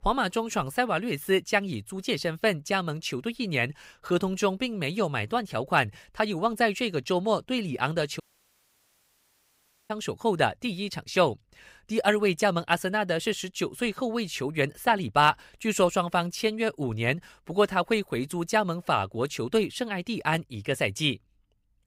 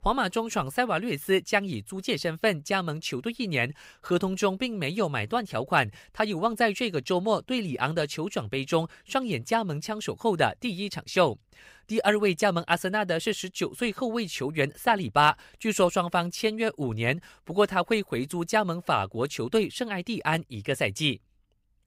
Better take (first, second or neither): second